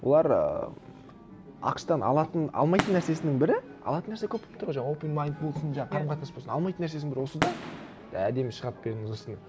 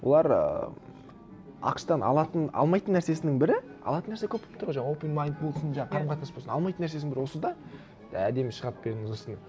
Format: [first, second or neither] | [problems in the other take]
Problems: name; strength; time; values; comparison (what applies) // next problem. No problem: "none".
second | background sound (Fireworks); 13 dB below the speech